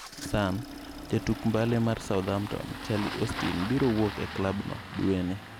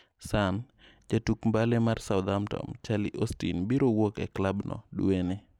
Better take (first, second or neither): second